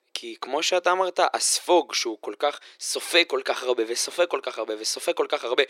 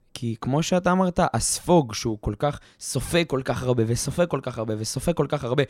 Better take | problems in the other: second | thin; very; fading below 350 Hz

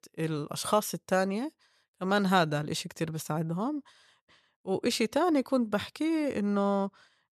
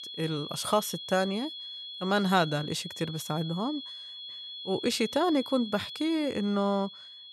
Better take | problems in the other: first | high-pitched whine; loud; throughout; 3.5 kHz, 10 dB below the speech

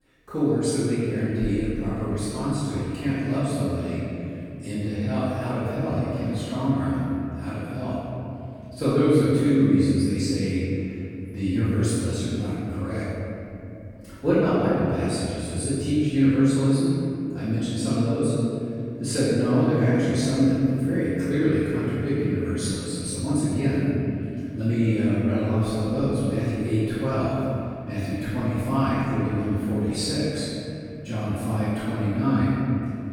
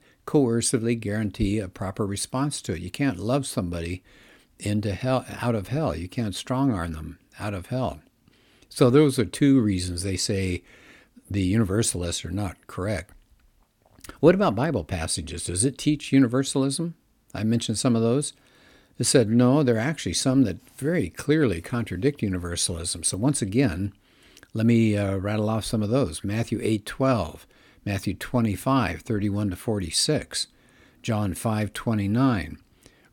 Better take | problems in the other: second | off-mic speech; far // room echo; strong; dies away in 3 s

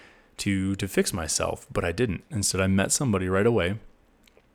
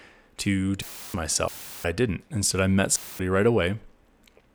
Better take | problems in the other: first | audio cutting out; filled with static; at 1 s, at 1.5 s and at 3 s

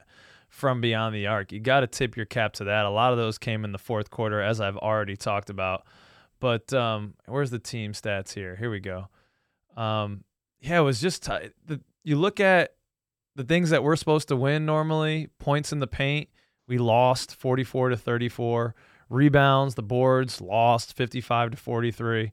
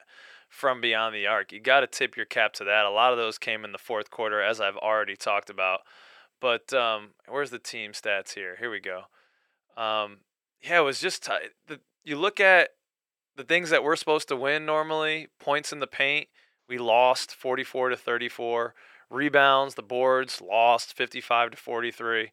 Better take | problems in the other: first | thin; very; fading below 450 Hz

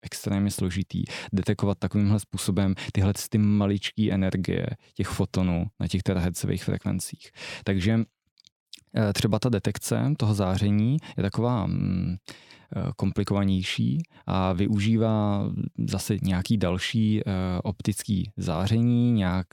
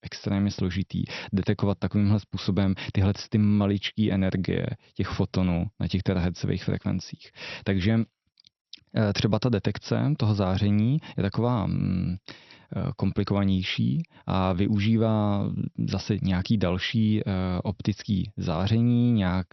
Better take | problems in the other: first | garbled, watery; slightly; nothing above 6 kHz

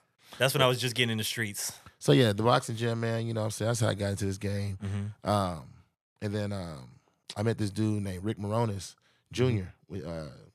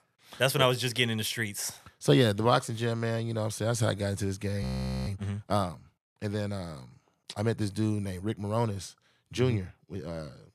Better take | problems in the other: first | audio freezing; at 4.5 s

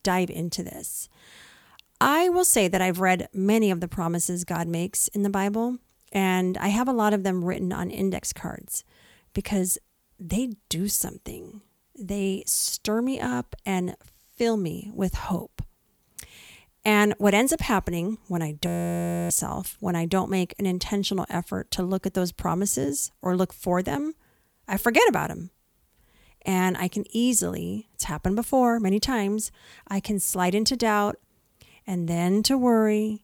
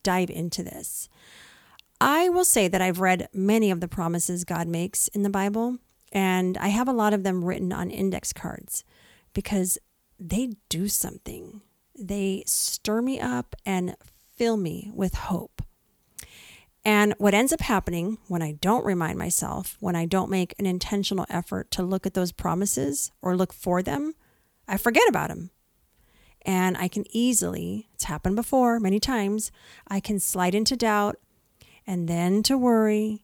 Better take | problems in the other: second | audio freezing; at 19 s for 0.5 s

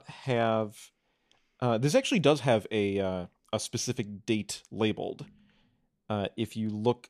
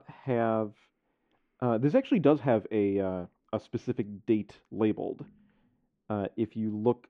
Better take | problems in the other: first | muffled; very; fading above 1.5 kHz

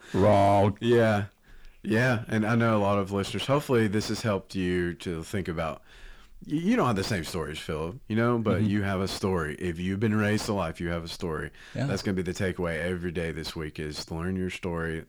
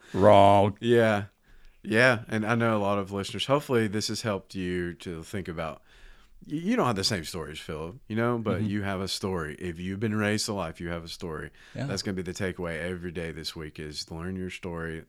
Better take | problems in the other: second | distortion; heavy; 7 dB below the speech

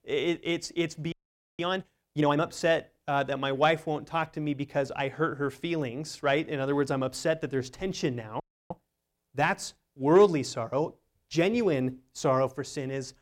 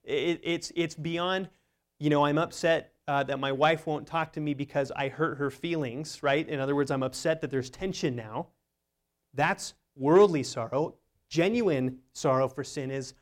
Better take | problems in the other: second | audio freezing; at 1 s and at 8.5 s

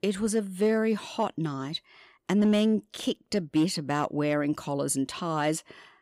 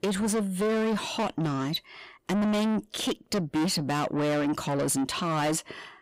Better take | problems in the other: first | distortion; heavy; 7 dB below the speech

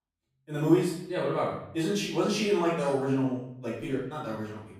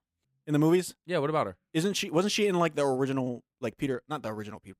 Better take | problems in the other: second | off-mic speech; far // room echo; noticeable; dies away in 0.6 s

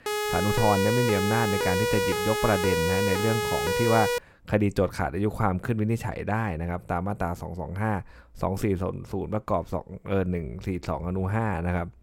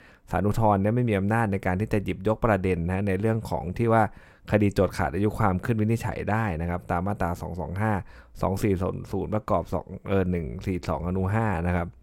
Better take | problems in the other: second | siren; loud; until 4 s; peak 2 dB above the speech

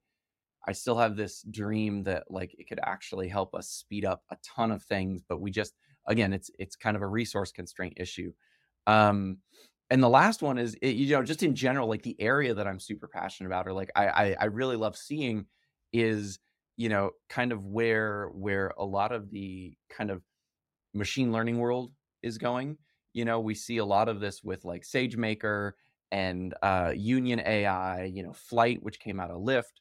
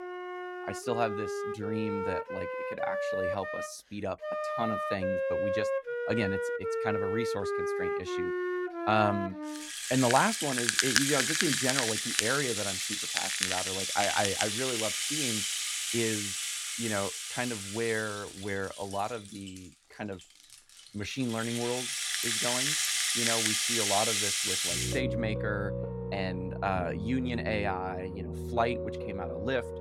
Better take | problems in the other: first | background music; very loud; throughout; 3 dB above the speech

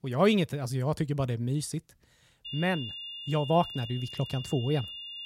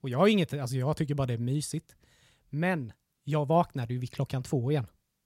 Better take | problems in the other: second | high-pitched whine; loud; from 2.5 s on; 3 kHz, 9 dB below the speech

